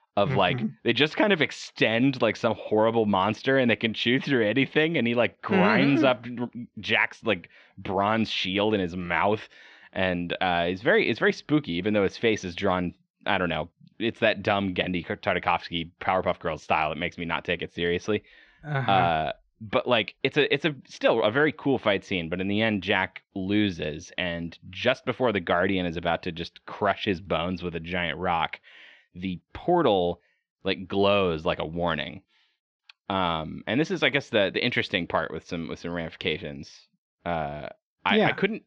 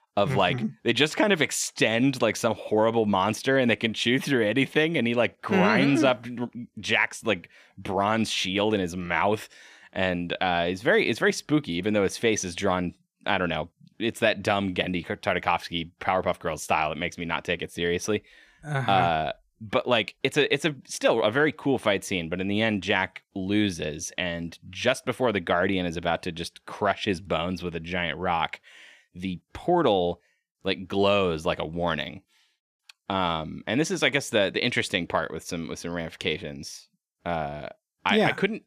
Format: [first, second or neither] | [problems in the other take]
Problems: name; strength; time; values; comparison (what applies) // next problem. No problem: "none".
second | muffled; very slightly; fading above 4.5 kHz